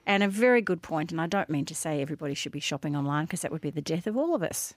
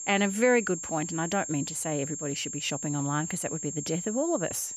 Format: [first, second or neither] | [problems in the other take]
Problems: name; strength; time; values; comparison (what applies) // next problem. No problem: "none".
first | high-pitched whine; loud; throughout; 7.5 kHz, 6 dB below the speech